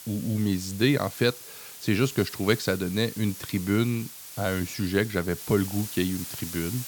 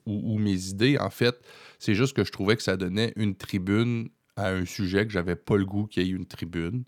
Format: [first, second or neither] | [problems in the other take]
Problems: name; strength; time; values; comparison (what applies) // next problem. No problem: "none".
second | hiss; noticeable; throughout; 10 dB below the speech